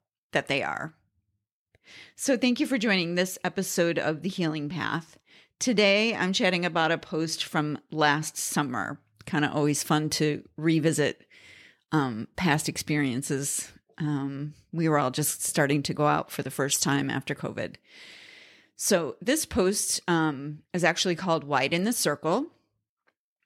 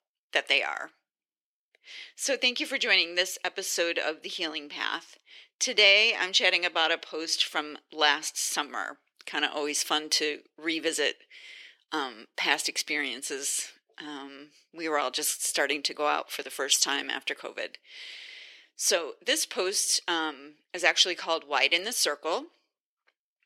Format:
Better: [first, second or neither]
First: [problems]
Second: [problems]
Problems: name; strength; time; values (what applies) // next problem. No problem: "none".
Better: first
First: none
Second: thin; very; fading below 350 Hz